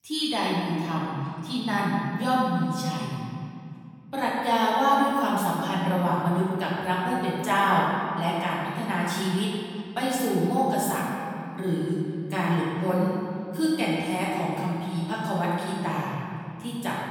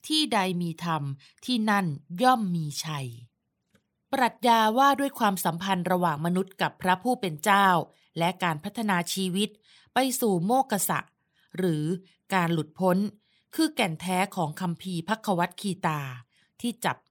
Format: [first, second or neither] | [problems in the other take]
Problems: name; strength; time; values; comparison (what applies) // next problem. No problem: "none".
second | off-mic speech; far // room echo; strong; dies away in 2.4 s